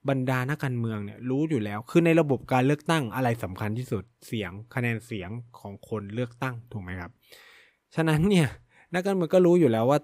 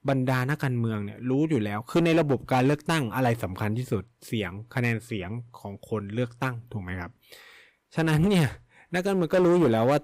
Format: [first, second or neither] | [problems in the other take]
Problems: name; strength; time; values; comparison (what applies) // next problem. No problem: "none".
first | distortion; slight; 7% of the sound clipped